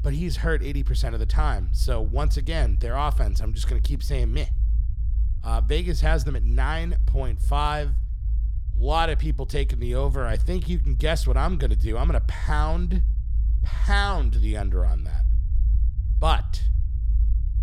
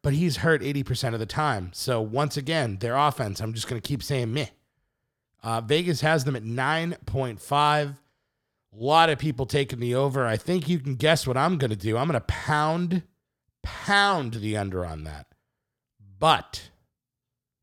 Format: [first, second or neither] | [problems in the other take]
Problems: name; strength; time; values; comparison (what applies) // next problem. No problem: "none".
second | low rumble; noticeable; throughout; 15 dB below the speech